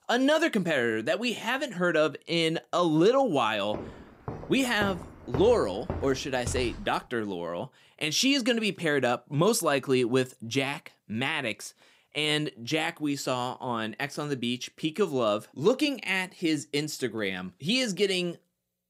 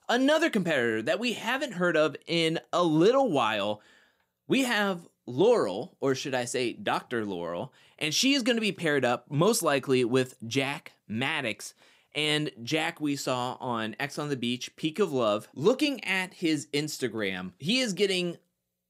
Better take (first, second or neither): second